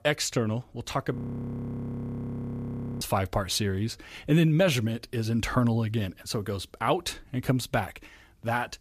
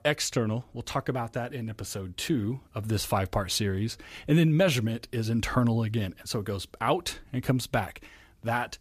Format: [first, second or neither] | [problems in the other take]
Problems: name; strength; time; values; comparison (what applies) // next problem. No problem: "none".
second | audio freezing; at 1 s for 2 s